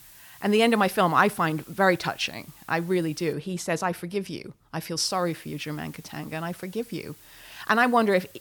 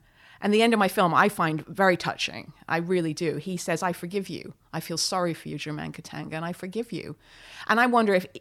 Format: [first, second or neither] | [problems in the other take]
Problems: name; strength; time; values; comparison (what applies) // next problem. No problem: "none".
second | hiss; faint; until 3.5 s and from 5 s on; 25 dB below the speech